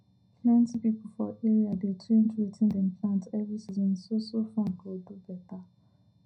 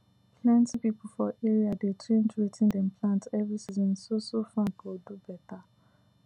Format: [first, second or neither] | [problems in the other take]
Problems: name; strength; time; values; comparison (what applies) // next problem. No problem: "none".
second | room echo; dies away in 0.3 s